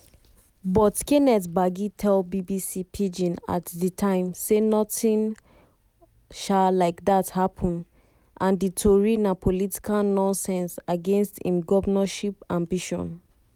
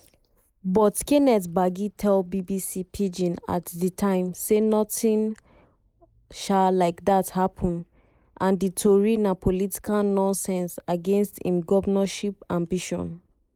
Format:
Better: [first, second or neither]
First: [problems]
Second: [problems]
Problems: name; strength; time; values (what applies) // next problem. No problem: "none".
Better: first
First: none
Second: noise reduction (neural mask model Resemble Enhance denoiser)